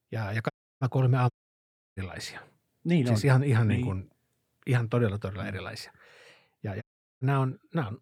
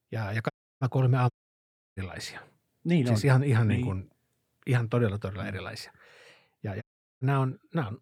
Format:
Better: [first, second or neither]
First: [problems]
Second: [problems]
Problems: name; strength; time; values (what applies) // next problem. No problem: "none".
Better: neither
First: audio cutting out; at 0.5 s, at 1.5 s for 0.5 s and at 7 s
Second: audio cutting out; at 0.5 s, at 1.5 s for 0.5 s and at 7 s